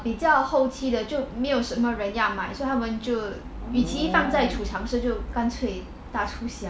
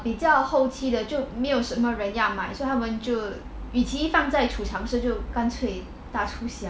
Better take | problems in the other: second | background sound (Livestock, farm animals, working animals); 14 dB below the speech

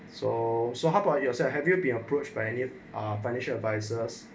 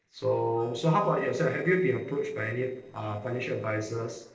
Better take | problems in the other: first | noise reduction (neural separator model SepFormer DNS4)

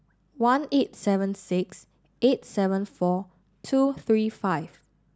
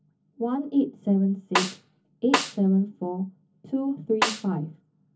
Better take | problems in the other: first | background sound (Snare drum); 2 dB below the speech // room echo; dies away in 0.3 s

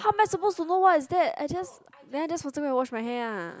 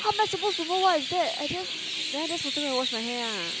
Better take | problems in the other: first | background sound (Chirp, tweet); 3 dB below the speech

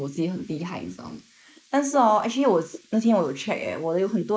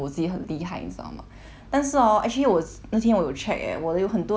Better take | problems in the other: second | noise reduction (neural mask model Resemble Enhance denoiser)

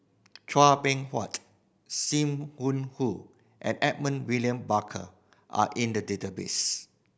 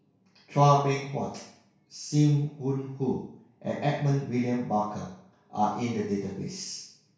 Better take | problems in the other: first | room echo; dies away in 0.6 s

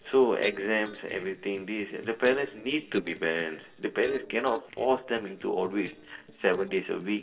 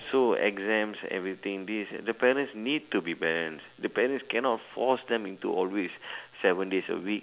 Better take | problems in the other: second | noise reduction (neural separator model SepFormer DNS4)

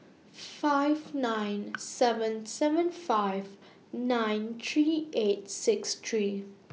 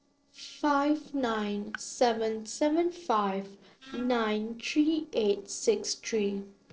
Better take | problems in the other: first | noise reduction (neural separator model SepFormer DNS4)

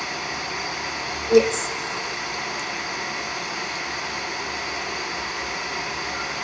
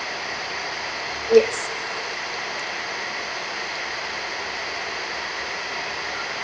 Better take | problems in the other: second | room echo; dies away in 0.4 s

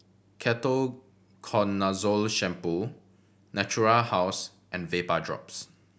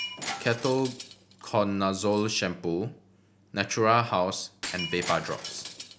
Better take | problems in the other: first | background sound (Shatter); 12 dB below the speech

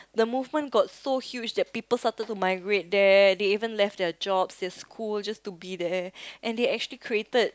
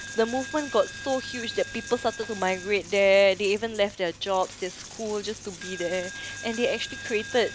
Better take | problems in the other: first | background sound (Coin (dropping)); 13 dB below the speech

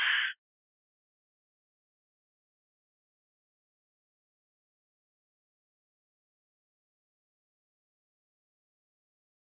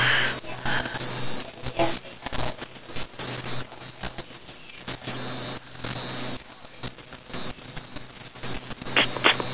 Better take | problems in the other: second | noise reduction (neural mask model Resemble Enhance denoiser)

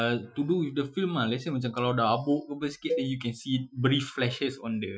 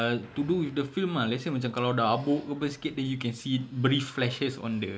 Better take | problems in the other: second | noise reduction (classical method Wiener filter)

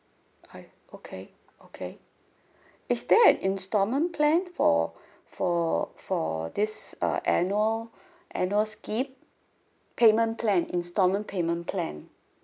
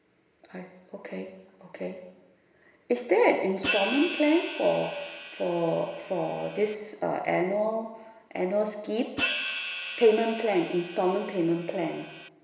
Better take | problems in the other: first | background sound (Hi-hat); 7 dB below the speech // room echo; dies away in 1.1 s

